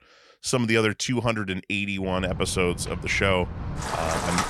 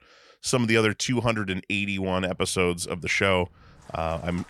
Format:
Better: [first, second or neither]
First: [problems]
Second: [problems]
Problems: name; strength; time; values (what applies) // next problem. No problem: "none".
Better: second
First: rain or running water; loud; from 2 s on; 7 dB below the speech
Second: rain or running water; faint; from 2 s on; 30 dB below the speech